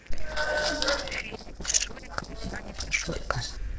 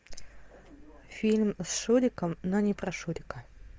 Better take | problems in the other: second | noise reduction (neural separator model SepFormer DNS4)

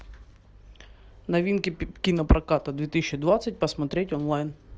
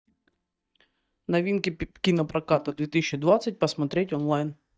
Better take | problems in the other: first | noise reduction (neural mask model DeepFilterNet 3)

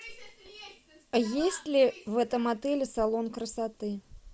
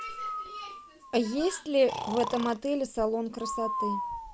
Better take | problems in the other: first | background sound (Breathing); 7 dB below the speech

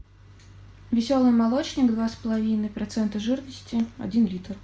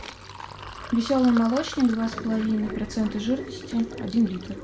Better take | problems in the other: first | background sound (Sink (filling or washing)); 12 dB below the speech

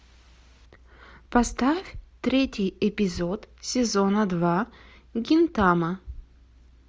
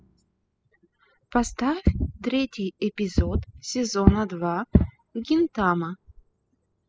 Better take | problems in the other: first | noise reduction (classical method spectral subtraction)

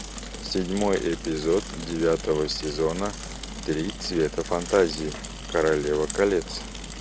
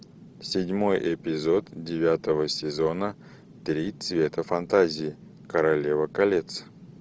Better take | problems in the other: second | background sound (Mechanisms / Bicycle); 10 dB below the speech

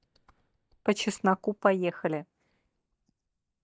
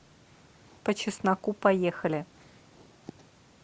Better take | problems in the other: second | noise reduction (neural mask model DeepFilterNet 3)

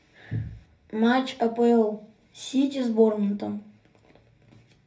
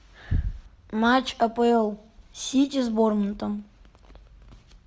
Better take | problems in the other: second | room echo; dies away in 0.3 s

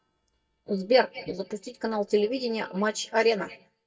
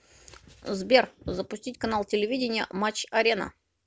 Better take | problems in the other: second | noise reduction (neural mask model DeepFilterNet 3)

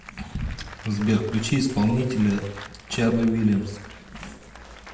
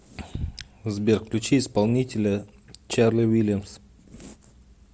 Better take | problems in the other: second | background sound (Applause); 18 dB below the speech // room echo; dies away in 0.7 s

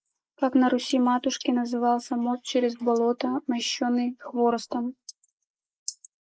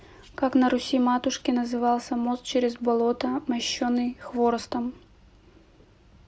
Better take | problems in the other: second | noise reduction (neural mask model Resemble Enhance denoiser)

